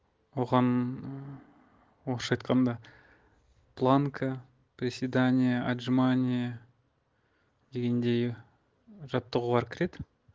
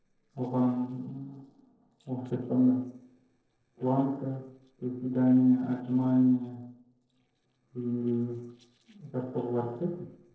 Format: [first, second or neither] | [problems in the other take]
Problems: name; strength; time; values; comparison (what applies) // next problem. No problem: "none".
first | noise reduction (neural separator model SepFormer DNS4)